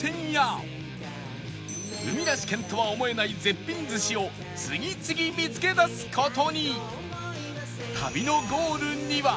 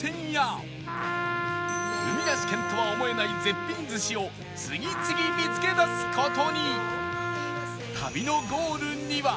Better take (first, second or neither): first